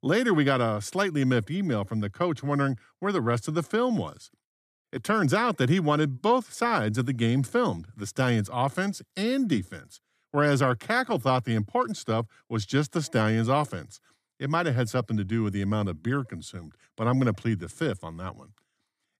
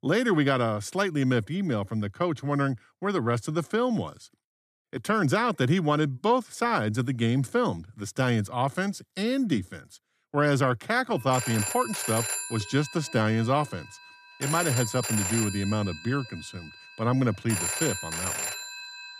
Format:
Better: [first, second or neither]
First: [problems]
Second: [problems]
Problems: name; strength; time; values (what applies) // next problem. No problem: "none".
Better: first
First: none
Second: phone ringing; noticeable; from 11 s on; peak level with the speech